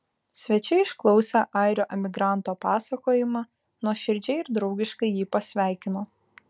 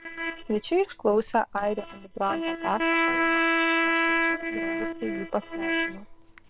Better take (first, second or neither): first